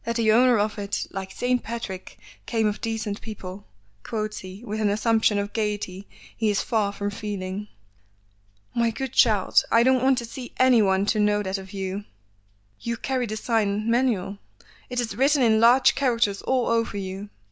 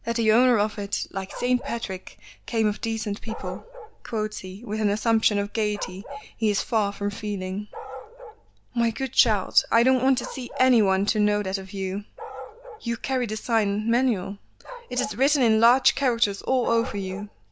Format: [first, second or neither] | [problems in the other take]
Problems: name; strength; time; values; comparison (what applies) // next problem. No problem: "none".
first | background sound (Bark); 18 dB below the speech